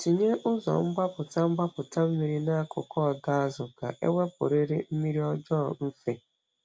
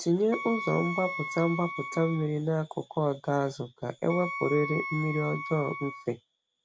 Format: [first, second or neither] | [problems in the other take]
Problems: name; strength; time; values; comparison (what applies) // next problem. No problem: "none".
first | background sound (Wind instrument, woodwind instrument); 7 dB below the speech